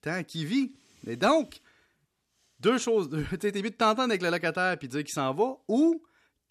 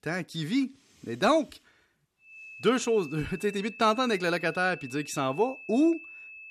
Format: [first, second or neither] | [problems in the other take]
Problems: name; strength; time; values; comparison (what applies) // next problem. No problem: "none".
first | high-pitched whine; noticeable; from 2.5 s on; 2.5 kHz, 15 dB below the speech